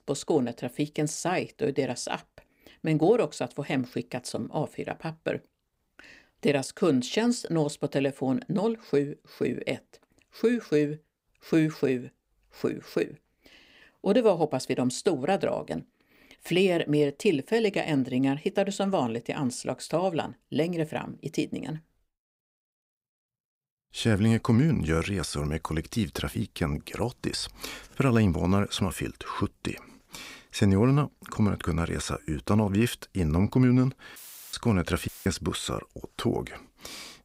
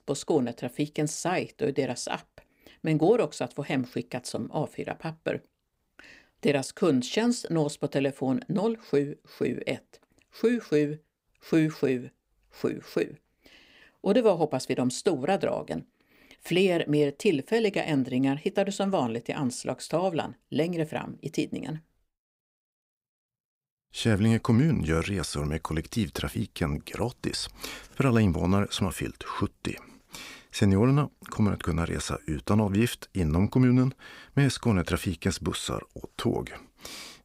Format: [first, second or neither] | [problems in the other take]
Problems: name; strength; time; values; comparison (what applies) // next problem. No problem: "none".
second | audio cutting out; filled with static; at 34 s and at 35 s